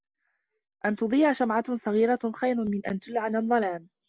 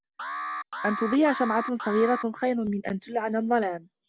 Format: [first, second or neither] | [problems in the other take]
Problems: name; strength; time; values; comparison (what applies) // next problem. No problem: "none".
first | background sound (Alarm); 9 dB below the speech